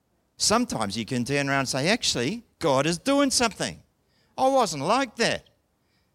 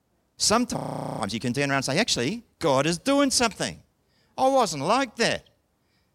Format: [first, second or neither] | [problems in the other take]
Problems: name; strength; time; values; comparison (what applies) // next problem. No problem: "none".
first | audio freezing; at 1 s